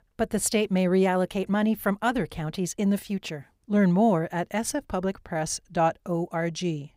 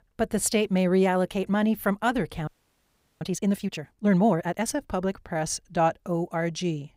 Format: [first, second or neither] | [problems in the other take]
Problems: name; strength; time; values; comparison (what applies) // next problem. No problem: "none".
first | audio freezing; at 2.5 s for 0.5 s